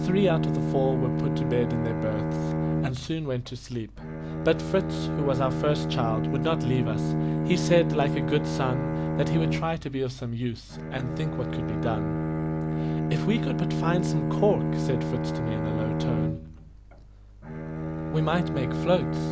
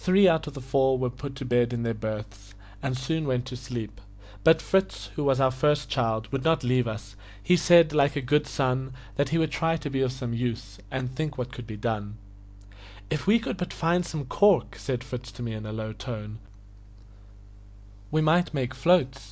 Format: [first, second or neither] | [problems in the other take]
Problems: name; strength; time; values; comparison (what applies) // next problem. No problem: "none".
second | background sound (Bowed string instrument); 1 dB above the speech